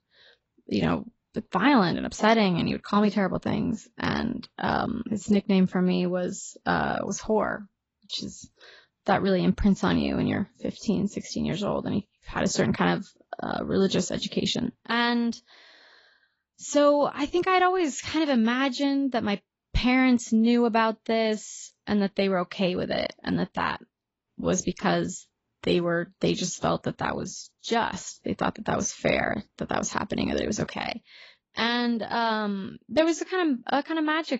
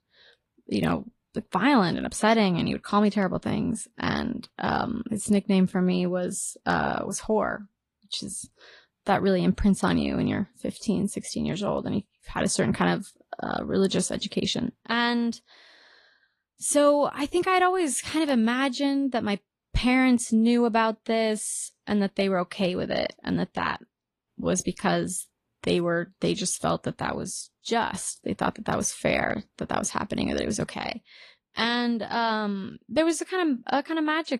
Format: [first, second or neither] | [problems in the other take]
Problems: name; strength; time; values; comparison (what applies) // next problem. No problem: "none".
second | garbled, watery; badly; nothing above 7.5 kHz; slightly in the second